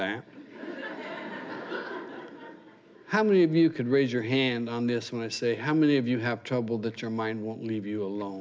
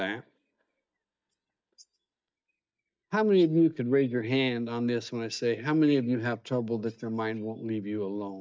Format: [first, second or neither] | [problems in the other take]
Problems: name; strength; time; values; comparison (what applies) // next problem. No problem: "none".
first | noise reduction (neural mask model DeepFilterNet 3)